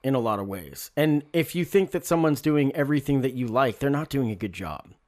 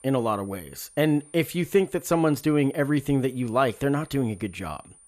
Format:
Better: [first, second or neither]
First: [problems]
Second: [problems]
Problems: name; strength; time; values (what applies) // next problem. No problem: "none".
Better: first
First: none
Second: high-pitched whine; faint; throughout; 9.5 kHz, 25 dB below the speech